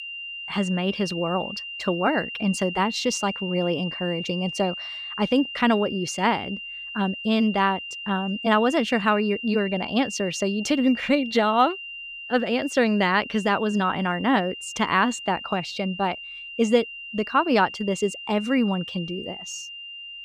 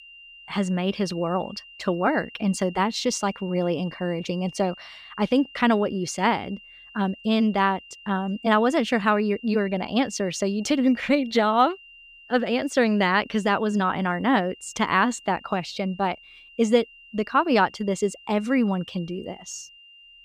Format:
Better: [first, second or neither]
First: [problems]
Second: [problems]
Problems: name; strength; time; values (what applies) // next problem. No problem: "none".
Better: second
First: high-pitched whine; loud; throughout; 3 kHz, 9 dB below the speech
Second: high-pitched whine; faint; throughout; 3 kHz, 20 dB below the speech